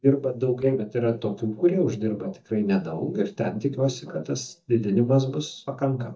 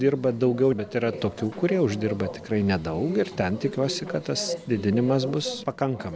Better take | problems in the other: second | noise reduction (neural mask model DeepFilterNet 3)

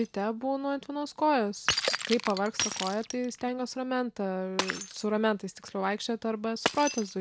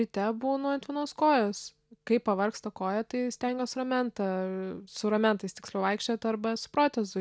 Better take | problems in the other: second | background sound (Shatter); 6 dB below the speech

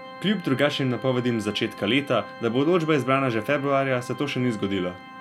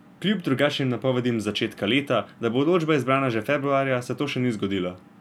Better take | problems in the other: second | background sound (Organ); 17 dB below the speech

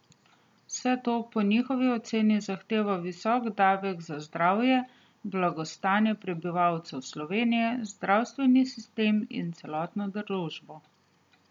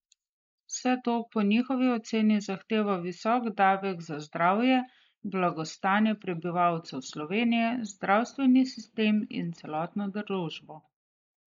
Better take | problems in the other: first | noise reduction (neural mask model Resemble Enhance denoiser)

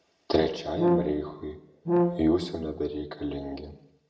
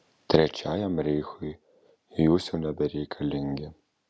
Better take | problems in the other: second | background sound (Brass instrument); 2 dB above the speech // room echo; dies away in 0.6 s

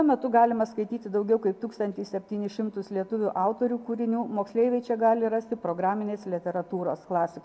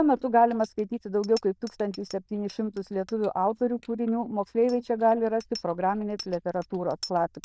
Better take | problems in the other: first | noise reduction (neural diffusion model UNIVERSE++)

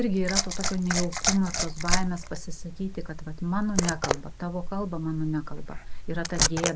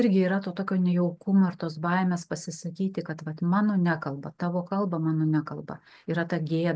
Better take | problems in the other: second | background sound (Liquid); 1 dB above the speech

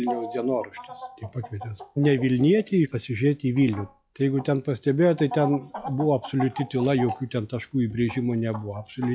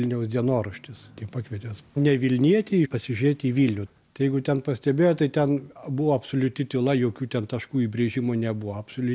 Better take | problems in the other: second | noise reduction (classical method log-MMSE)

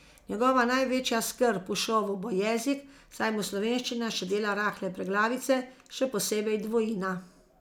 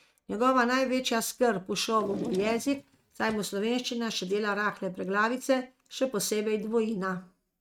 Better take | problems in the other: first | noise reduction (neural mask model RNNoise)

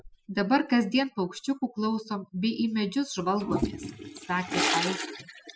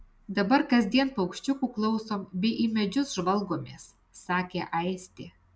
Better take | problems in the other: second | noise reduction (classical method spectral subtraction)

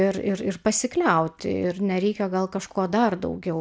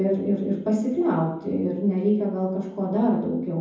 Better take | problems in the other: first | room echo; dies away in 0.9 s

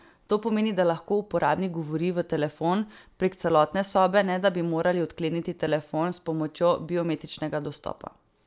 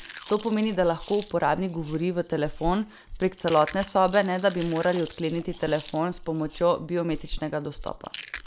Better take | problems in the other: first | background sound (Chewing, mastication); 14 dB below the speech

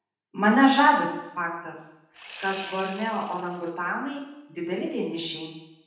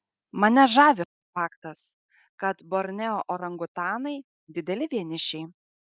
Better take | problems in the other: second | background sound (Sawing); 16 dB below the speech // room echo; dies away in 0.9 s

